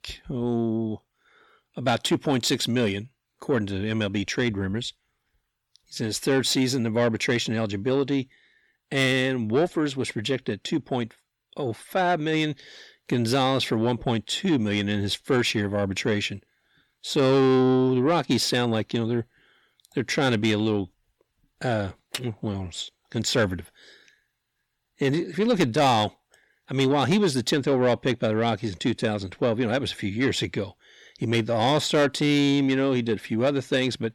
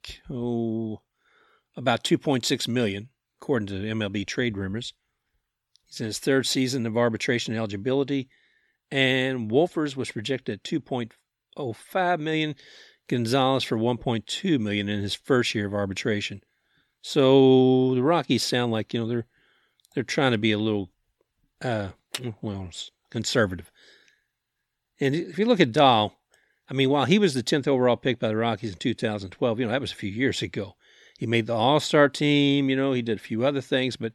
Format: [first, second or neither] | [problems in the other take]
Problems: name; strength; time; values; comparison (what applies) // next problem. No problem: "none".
second | distortion; slight; 10 dB below the speech